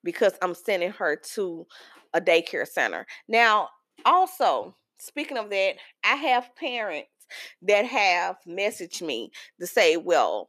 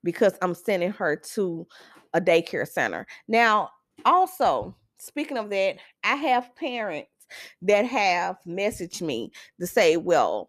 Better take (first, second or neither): second